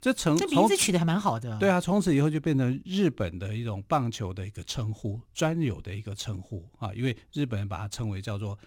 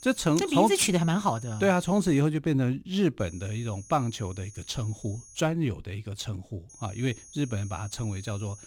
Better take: first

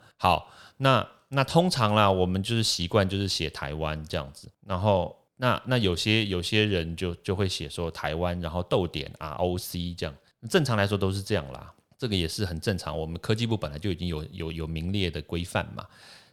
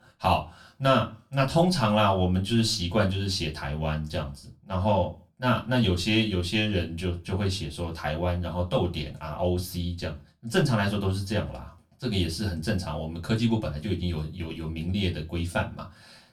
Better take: first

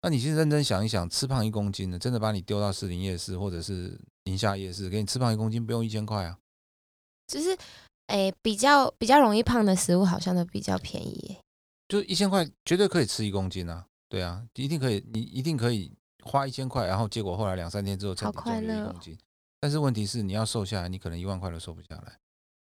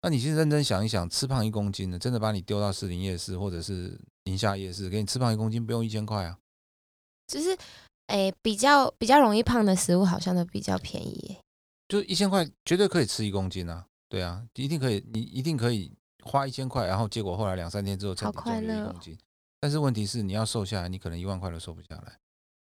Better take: neither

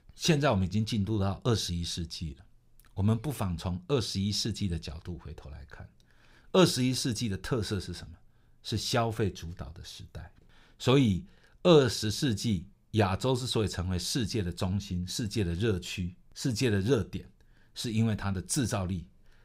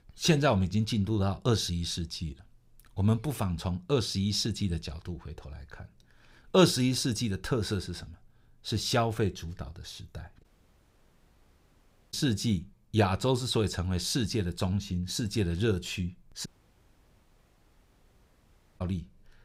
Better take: first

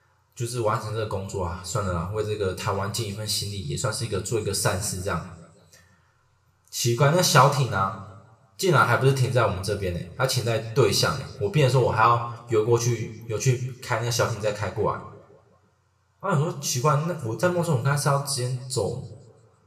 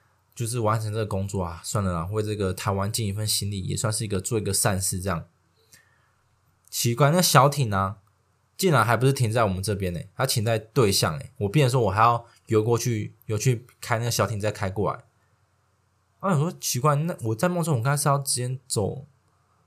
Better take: second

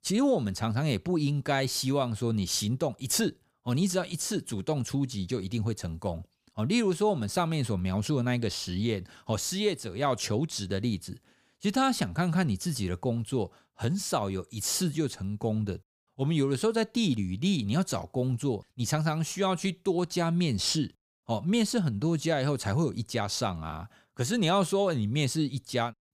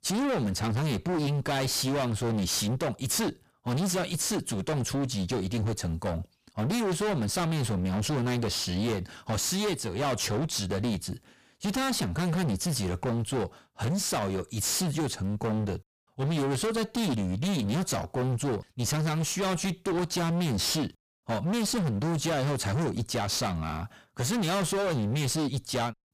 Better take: first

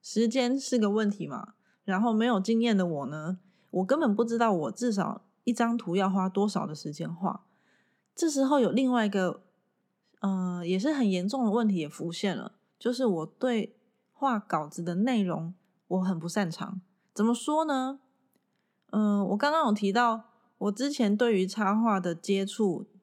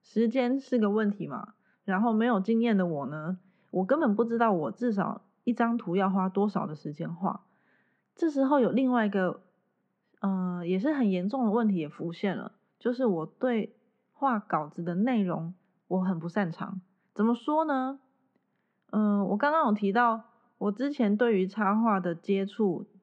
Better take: first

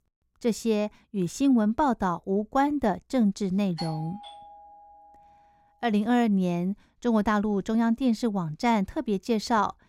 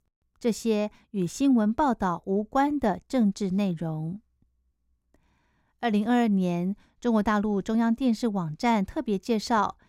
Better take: second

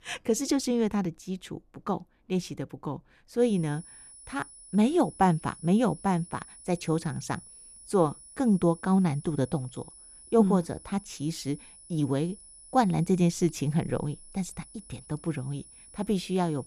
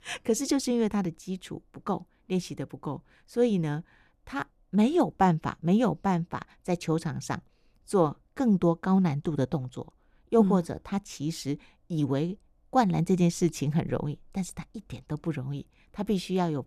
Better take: second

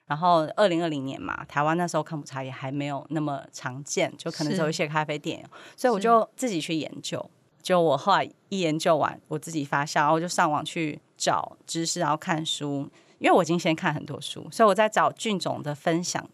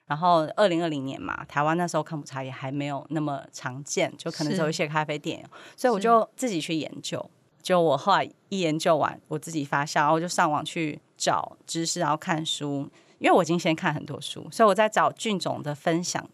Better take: neither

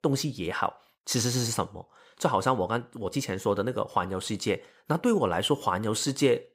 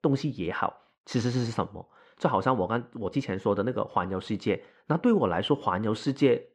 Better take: first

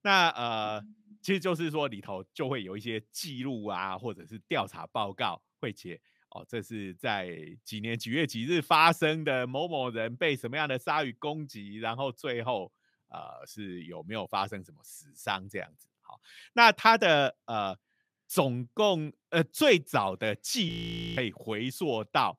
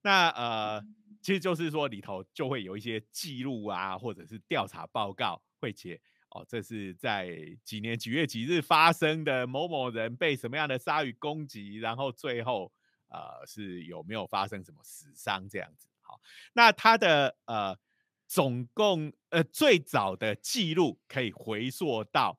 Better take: second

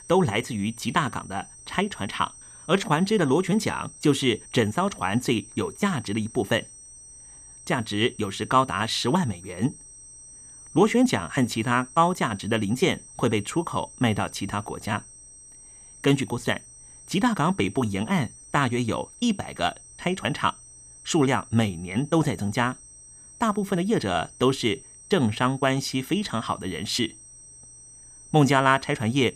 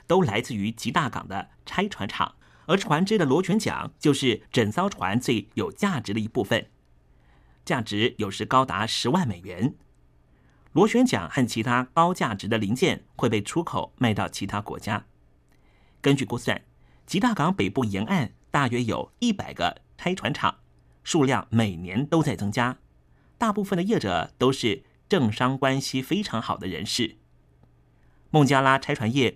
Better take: second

